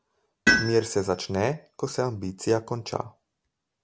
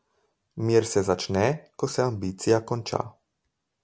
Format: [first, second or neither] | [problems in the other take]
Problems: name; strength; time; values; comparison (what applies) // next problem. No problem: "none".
second | background sound (Tools); 2 dB below the speech